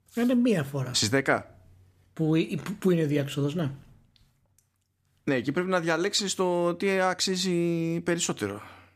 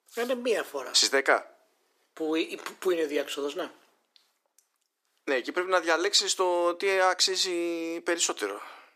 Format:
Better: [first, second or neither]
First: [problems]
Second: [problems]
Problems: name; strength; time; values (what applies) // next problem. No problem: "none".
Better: first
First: none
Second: thin; very; fading below 350 Hz